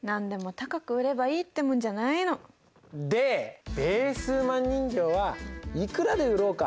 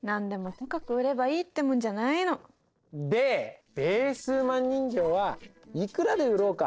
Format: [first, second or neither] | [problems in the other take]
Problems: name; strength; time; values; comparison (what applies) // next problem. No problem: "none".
first | noise reduction (neural separator model SepFormer DNS4)